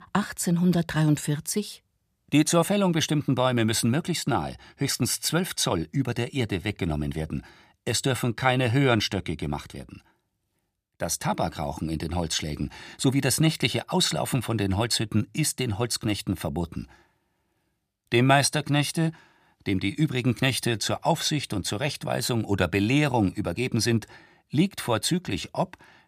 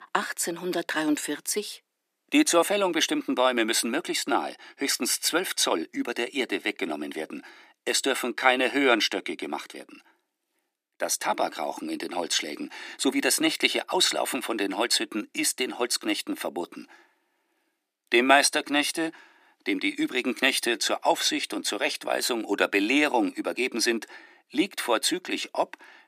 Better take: first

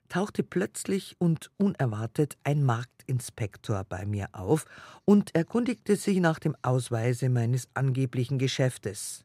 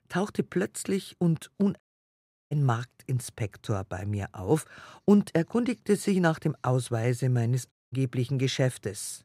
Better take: first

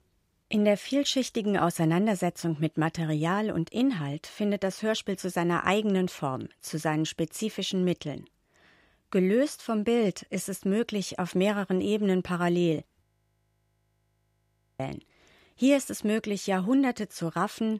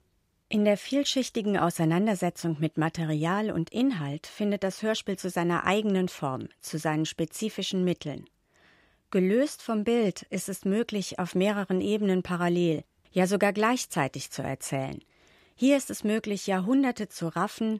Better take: second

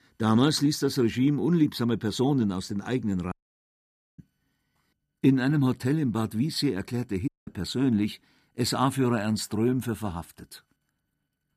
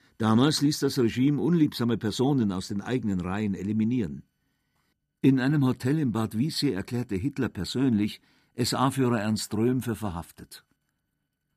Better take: second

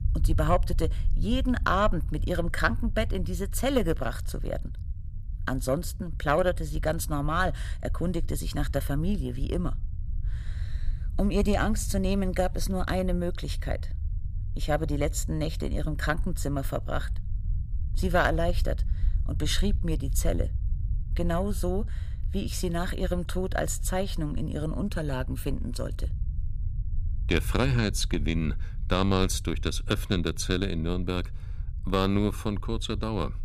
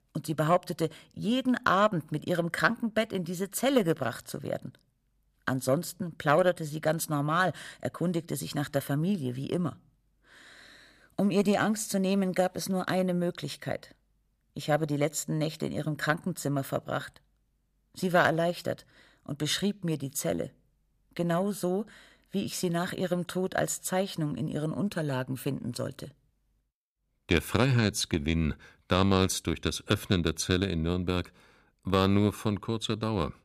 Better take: second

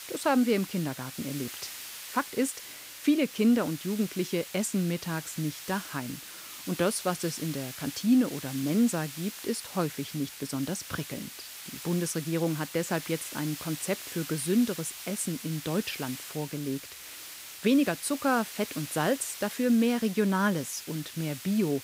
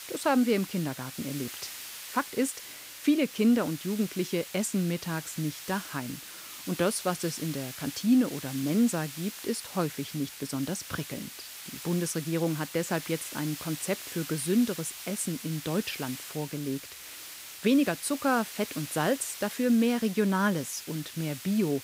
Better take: neither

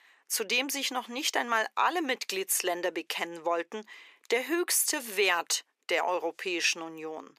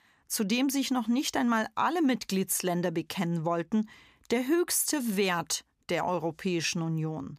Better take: second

